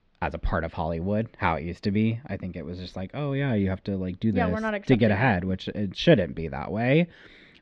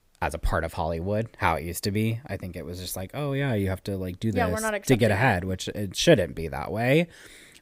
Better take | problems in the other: second | muffled; slightly; fading above 4 kHz

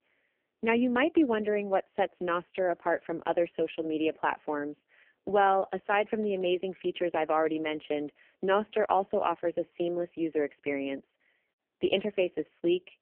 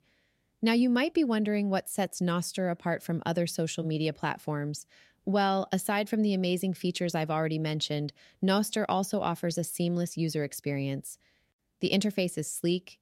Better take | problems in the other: second | phone-call audio; poor line; nothing above 3 kHz

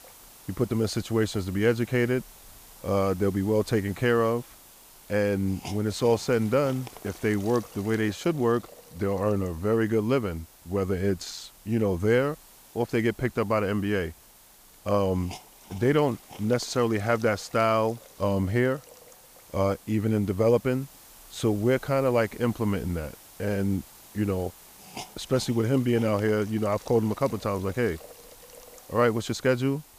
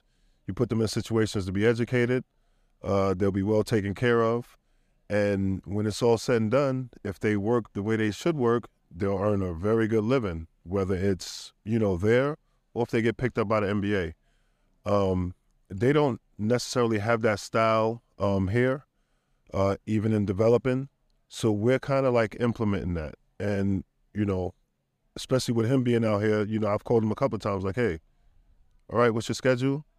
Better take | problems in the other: second | hiss; faint; throughout; 20 dB below the speech

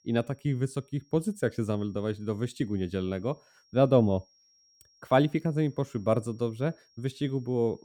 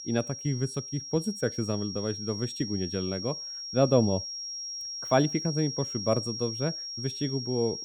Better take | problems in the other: first | high-pitched whine; loud; throughout; 5.5 kHz, 5 dB below the speech; faint in the first

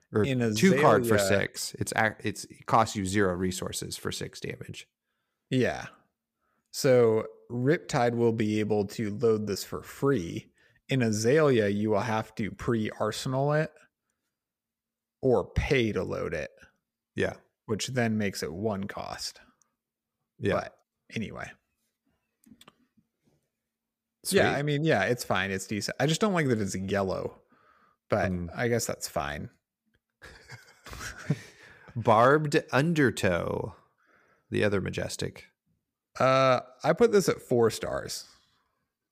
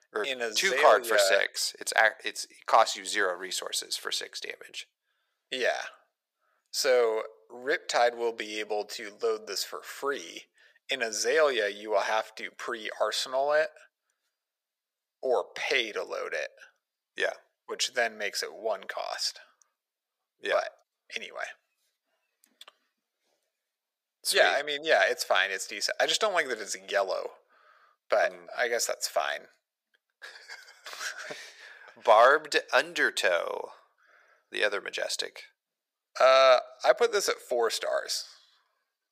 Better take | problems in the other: first | thin; very; fading below 500 Hz

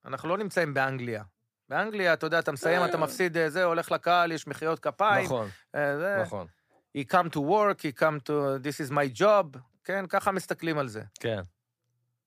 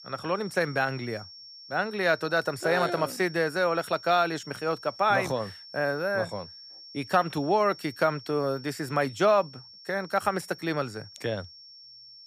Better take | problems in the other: first | high-pitched whine; noticeable; throughout; 5.5 kHz, 15 dB below the speech

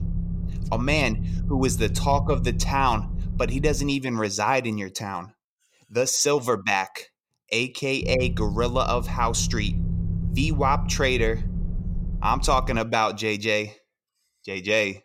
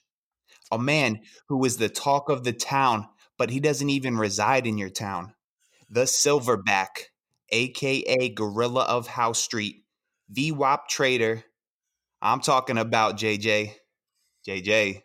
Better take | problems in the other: second | low rumble; noticeable; until 4 s and from 8 to 13 s; 15 dB below the speech

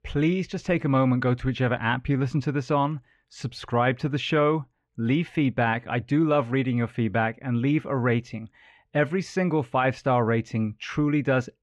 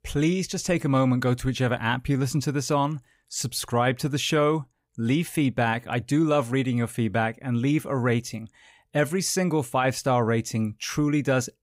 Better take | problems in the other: second | muffled; slightly; fading above 2.5 kHz

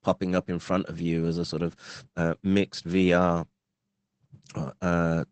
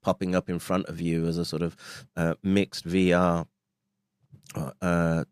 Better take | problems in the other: second | garbled, watery; badly; nothing above 8 kHz

